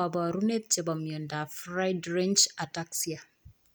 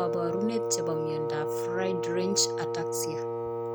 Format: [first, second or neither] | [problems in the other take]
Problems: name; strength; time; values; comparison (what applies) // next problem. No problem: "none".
first | background sound (Wind instrument, woodwind instrument); 3 dB above the speech